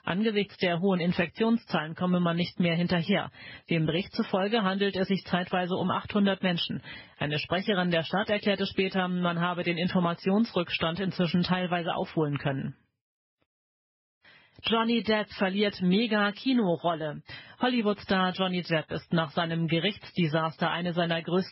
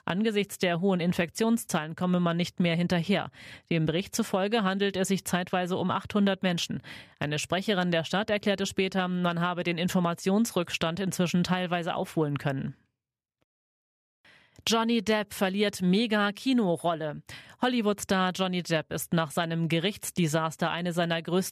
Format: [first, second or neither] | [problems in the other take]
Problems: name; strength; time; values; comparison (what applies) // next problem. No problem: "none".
second | garbled, watery; badly; nothing above 5.5 kHz